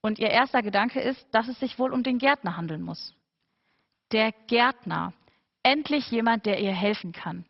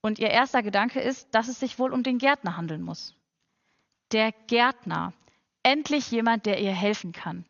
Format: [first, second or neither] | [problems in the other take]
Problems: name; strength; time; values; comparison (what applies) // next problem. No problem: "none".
second | garbled, watery; badly; nothing above 5.5 kHz; slightly in the second